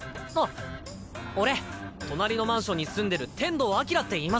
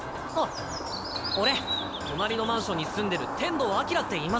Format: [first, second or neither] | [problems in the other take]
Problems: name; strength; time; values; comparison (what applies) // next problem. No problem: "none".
first | background sound (Bird); 3 dB below the speech